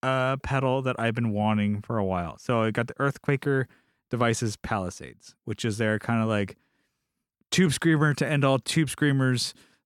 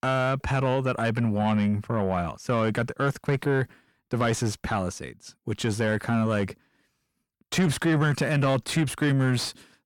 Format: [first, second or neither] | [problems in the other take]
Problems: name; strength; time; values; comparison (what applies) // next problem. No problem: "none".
first | distortion; slight; 10 dB below the speech